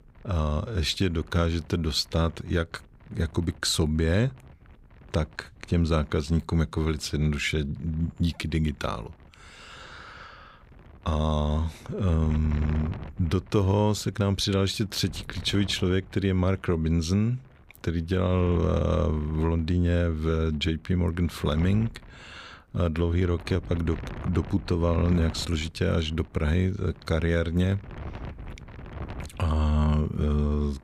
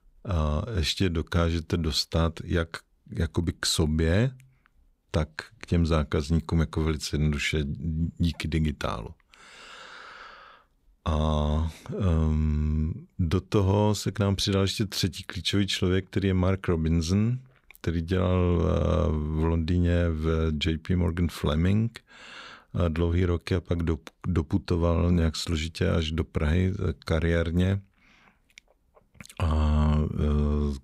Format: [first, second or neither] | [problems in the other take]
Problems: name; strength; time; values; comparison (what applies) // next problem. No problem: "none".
second | wind noise on the microphone; occasional gusts; 20 dB below the speech